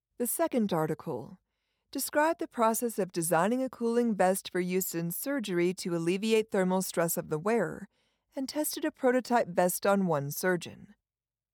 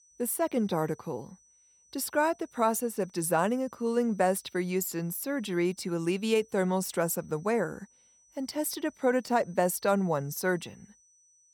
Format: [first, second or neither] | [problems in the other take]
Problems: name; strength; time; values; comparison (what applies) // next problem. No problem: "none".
first | high-pitched whine; faint; throughout; 6 kHz, 30 dB below the speech